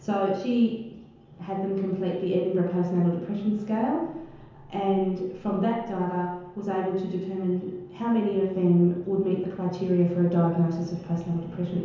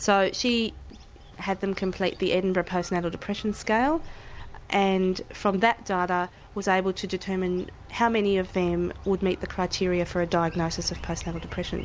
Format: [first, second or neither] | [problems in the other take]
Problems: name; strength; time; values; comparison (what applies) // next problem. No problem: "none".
second | room echo; dies away in 0.9 s